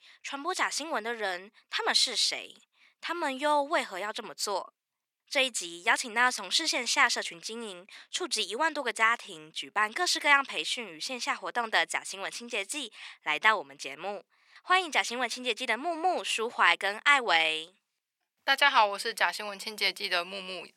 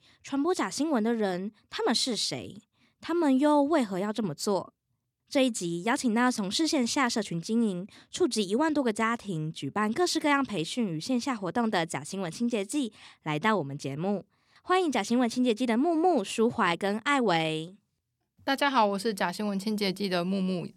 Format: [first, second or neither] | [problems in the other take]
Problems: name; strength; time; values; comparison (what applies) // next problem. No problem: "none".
second | thin; very; fading below 700 Hz